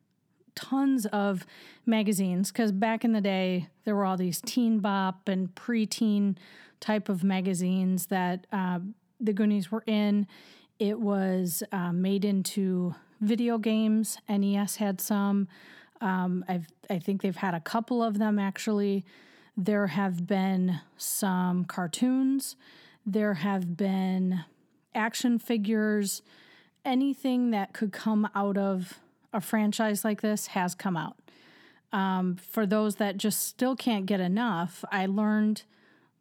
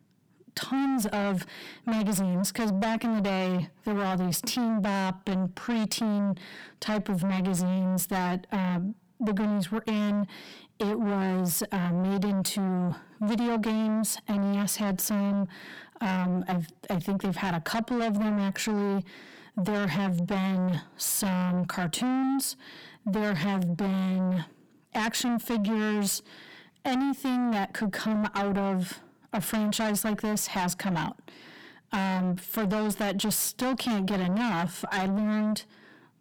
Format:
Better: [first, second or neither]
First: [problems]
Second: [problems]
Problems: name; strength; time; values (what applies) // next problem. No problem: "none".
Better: first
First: none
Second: distortion; heavy; 6 dB below the speech